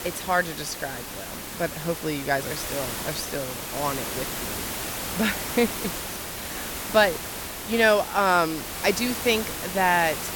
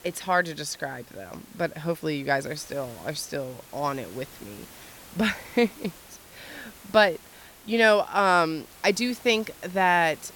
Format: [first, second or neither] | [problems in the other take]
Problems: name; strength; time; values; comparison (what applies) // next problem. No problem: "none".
second | hiss; loud; throughout; 6 dB below the speech; faint in the second